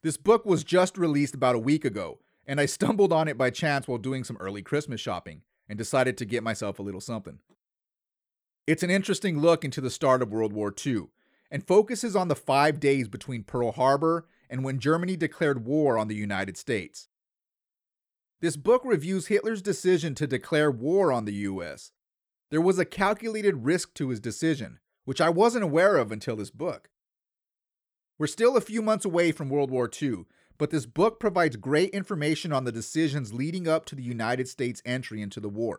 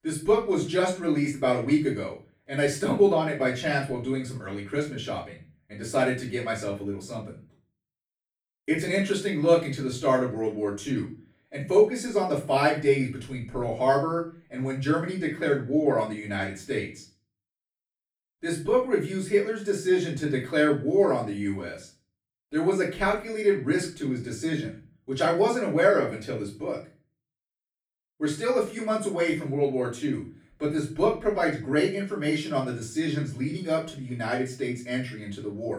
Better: first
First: none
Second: off-mic speech; far // room echo; slight; dies away in 0.3 s

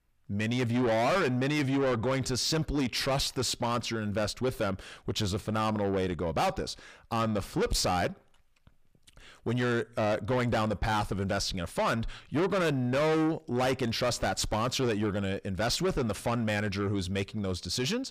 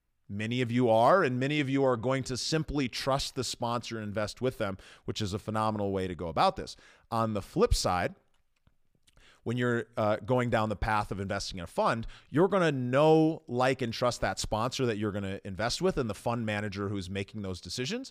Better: second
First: distortion; heavy; 6 dB below the speech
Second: none

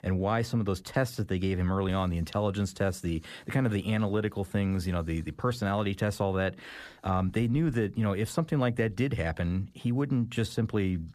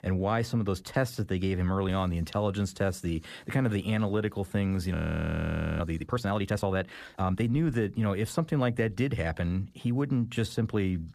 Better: first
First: none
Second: audio freezing; at 5 s for 1 s

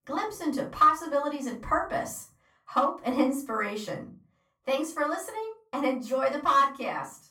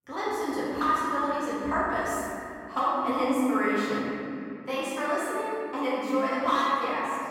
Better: first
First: room echo; slight; dies away in 0.3 s // off-mic speech; far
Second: room echo; strong; dies away in 2.9 s // off-mic speech; far

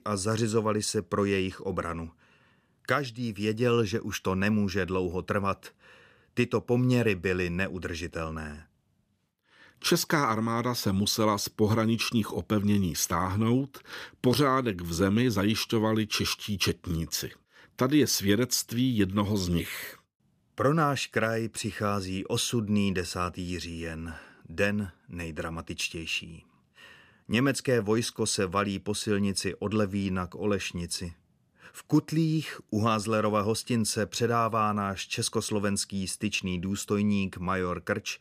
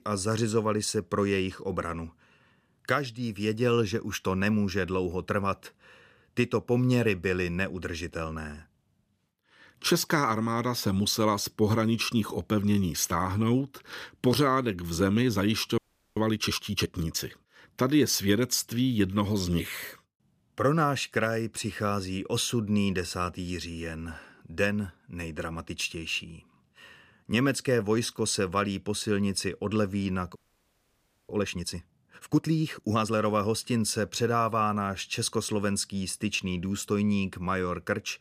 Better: first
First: none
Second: audio freezing; at 16 s and at 30 s for 1 s

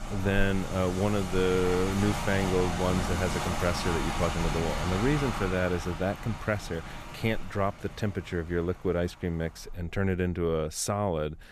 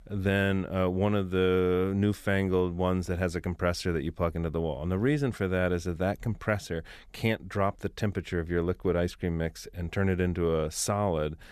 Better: second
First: rain or running water; loud; throughout; 5 dB below the speech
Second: none

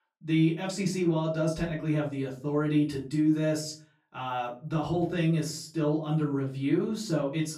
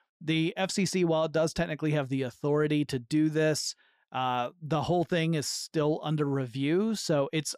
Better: second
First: off-mic speech; far // room echo; slight; dies away in 0.3 s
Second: none

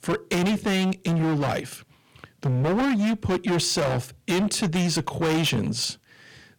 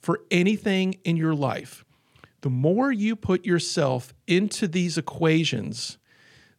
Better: second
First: distortion; heavy; 25% of the sound clipped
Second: none

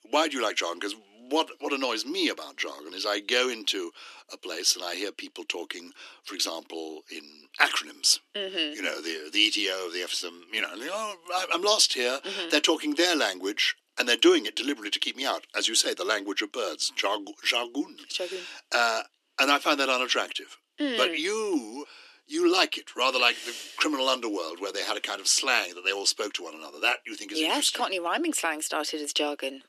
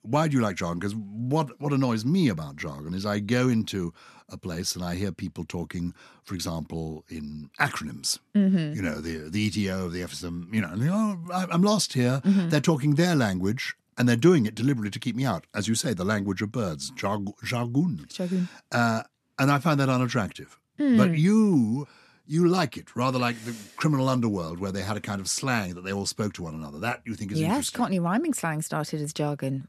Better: second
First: thin; very; fading below 300 Hz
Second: none

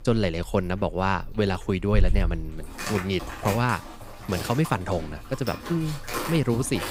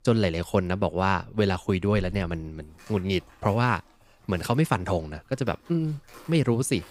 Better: second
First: animal sounds; loud; throughout; 7 dB below the speech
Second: animal sounds; faint; throughout; 25 dB below the speech

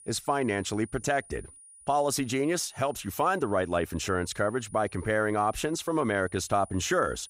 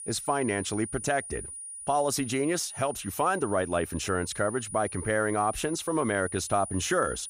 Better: first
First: high-pitched whine; faint; throughout; 9.5 kHz, 20 dB below the speech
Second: high-pitched whine; loud; throughout; 9.5 kHz, 10 dB below the speech

